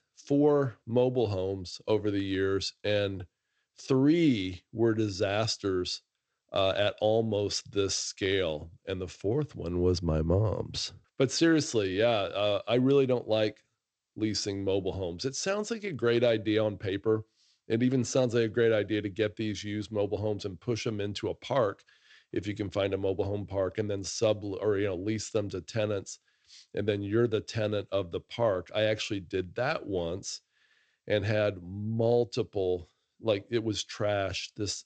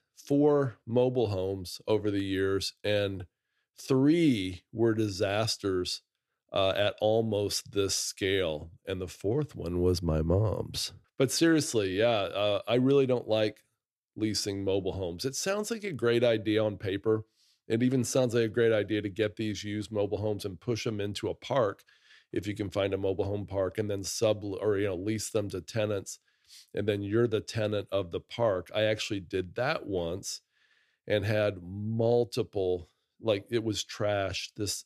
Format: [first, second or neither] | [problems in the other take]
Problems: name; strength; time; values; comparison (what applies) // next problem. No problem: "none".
second | garbled, watery; slightly; nothing above 7.5 kHz